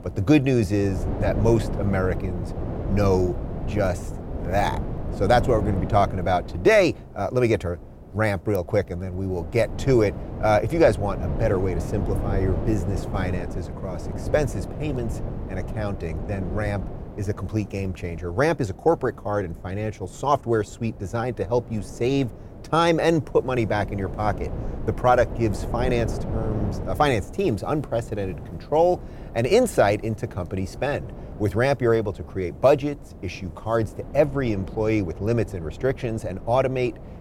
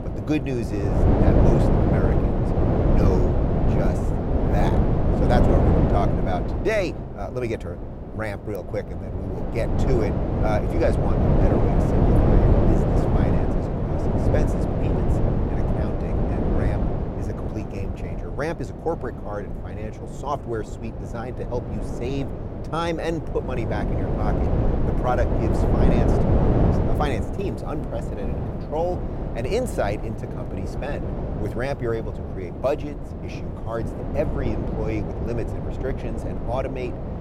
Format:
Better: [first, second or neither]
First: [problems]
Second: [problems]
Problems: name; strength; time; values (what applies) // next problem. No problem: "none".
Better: first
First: wind noise on the microphone; occasional gusts; 15 dB below the speech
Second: wind noise on the microphone; heavy; 1 dB above the speech